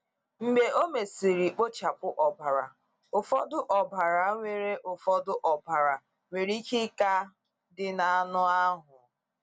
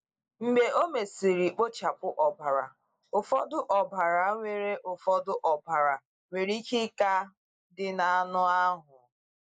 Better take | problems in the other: first | noise reduction (neural mask model Resemble Enhance denoiser)

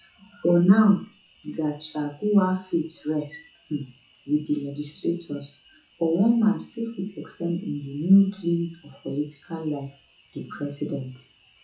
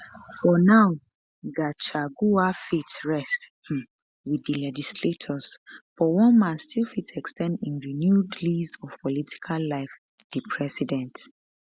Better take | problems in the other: second | noise reduction (classical method WPE with log-MMSE)

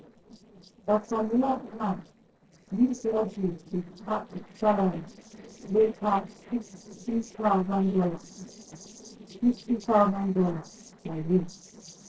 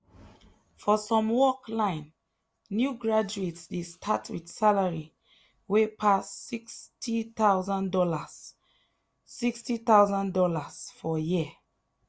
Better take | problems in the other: second | noise reduction (neural separator model SepFormer DNS4)

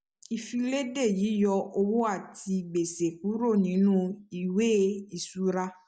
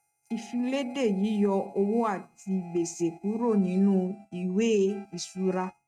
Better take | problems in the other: first | noise reduction (neural mask model RNNoise)

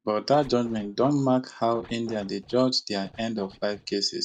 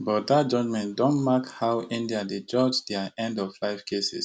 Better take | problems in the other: second | noise reduction (neural mask model DeepFilterNet 3)

